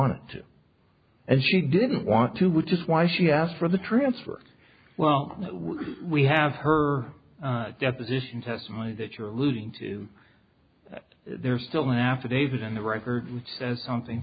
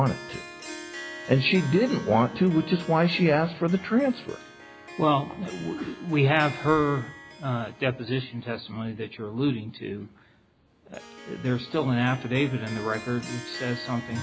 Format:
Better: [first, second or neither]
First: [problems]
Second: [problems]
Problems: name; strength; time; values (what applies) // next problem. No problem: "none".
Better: first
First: none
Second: background sound (Harp); 16 dB below the speech